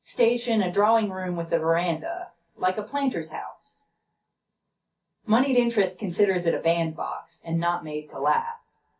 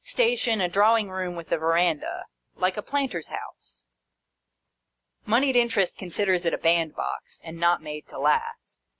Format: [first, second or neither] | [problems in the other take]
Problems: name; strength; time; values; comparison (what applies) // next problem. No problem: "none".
second | room echo; dies away in 0.3 s